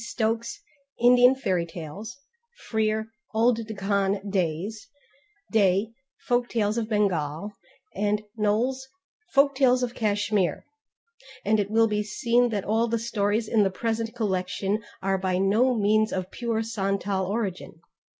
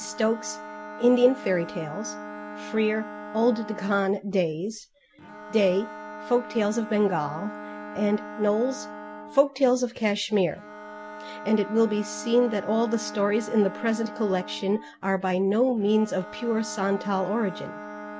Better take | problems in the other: first | background sound (Wind instrument, woodwind instrument + Bowed string instrument); 13 dB below the speech

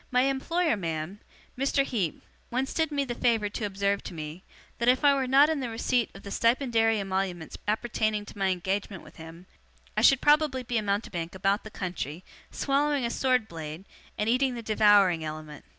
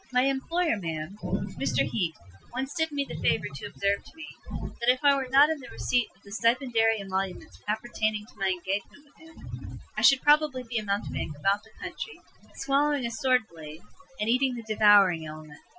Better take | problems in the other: first | noise reduction (classical method Wiener filter)

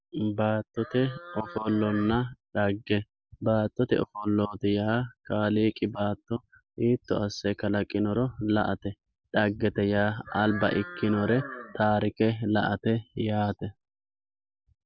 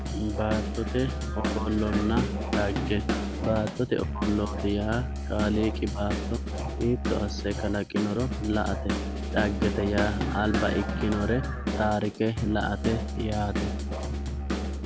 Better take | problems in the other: first | background sound (Musical instrument + Drum / Drum kit); 1 dB below the speech

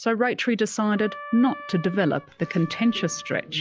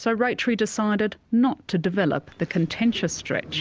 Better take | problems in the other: second | noise reduction (classical method log-MMSE)

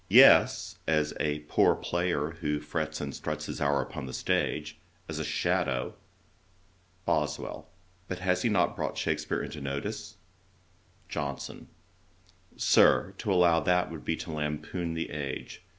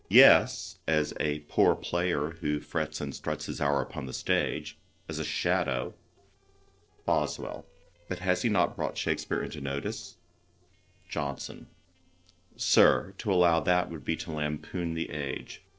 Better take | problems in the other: first | noise reduction (neural separator model SepFormer DNS4)

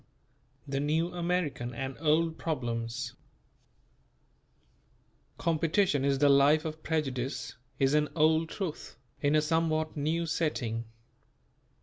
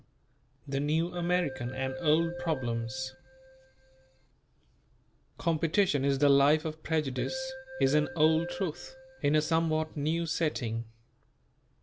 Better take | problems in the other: first | background sound (Keyboard (musical)); 12 dB below the speech

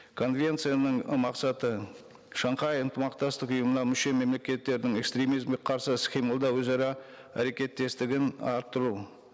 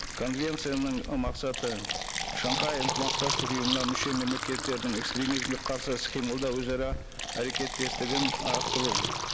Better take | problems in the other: first | background sound (Fill (with liquid)); 1 dB below the speech

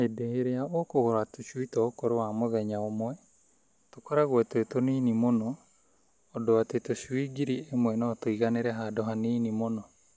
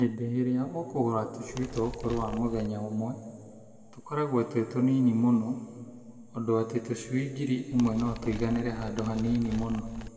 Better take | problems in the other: first | background sound (Animal); 11 dB below the speech // room echo; dies away in 2 s

